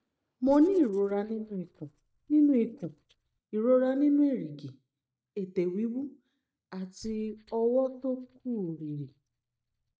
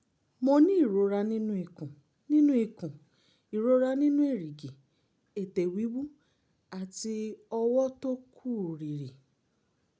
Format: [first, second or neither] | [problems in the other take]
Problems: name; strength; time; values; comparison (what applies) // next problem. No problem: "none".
second | noise reduction (neural mask model DeepFilterNet 3)